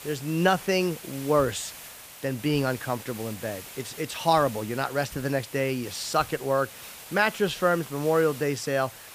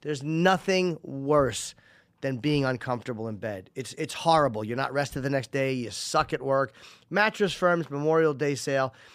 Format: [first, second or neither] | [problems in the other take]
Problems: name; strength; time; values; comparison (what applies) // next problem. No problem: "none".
second | hiss; noticeable; throughout; 15 dB below the speech